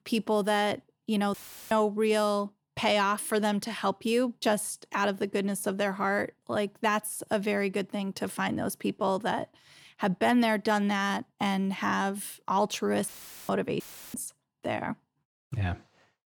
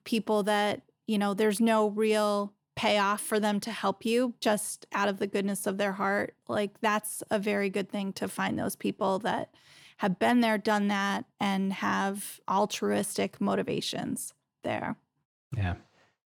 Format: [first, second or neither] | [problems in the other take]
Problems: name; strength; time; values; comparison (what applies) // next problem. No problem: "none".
second | audio cutting out; filled with static; at 1.5 s, at 13 s and at 14 s